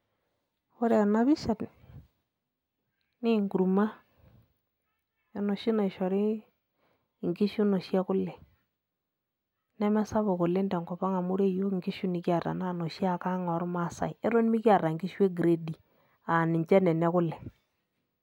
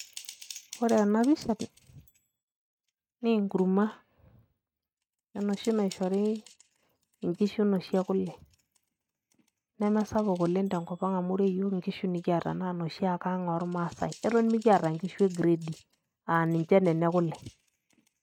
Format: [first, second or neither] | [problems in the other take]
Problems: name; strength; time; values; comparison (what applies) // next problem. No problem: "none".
first | noise reduction (neural mask model RNNoise)